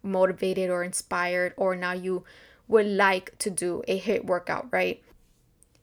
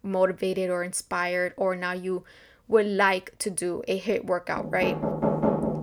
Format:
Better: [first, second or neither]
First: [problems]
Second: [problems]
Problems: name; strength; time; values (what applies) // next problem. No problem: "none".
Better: first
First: none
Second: door banging; loud; from 4.5 s on; peak 2 dB above the speech